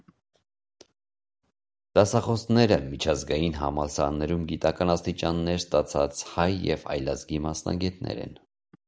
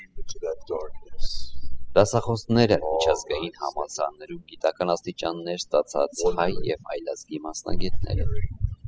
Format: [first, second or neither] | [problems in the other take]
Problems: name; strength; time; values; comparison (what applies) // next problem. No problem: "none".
first | noise reduction (classical method spectral subtraction)